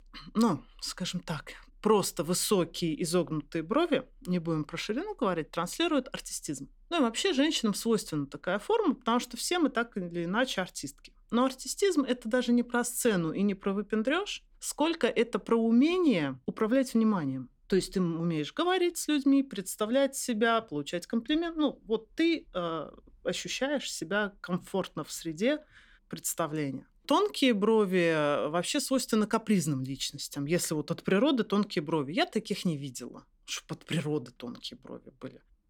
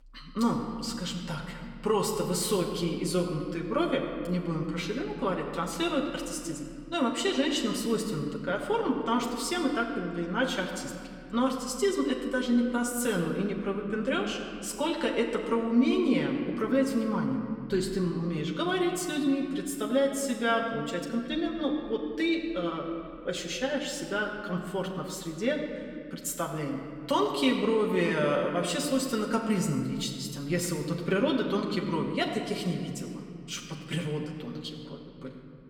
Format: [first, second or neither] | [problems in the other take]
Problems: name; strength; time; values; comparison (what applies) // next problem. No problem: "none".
first | room echo; slight; dies away in 2.1 s // off-mic speech; far